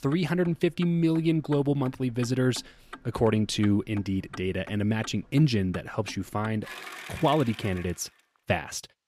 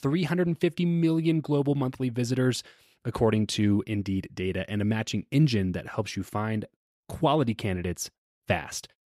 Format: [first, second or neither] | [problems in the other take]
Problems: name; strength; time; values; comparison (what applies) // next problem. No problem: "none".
second | traffic noise; noticeable; throughout; 20 dB below the speech